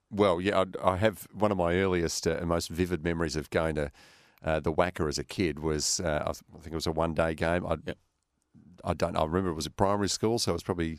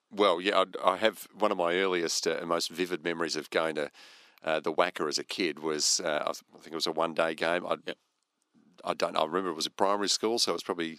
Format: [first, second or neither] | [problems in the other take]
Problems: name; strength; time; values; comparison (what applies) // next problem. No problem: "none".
first | thin; somewhat; fading below 250 Hz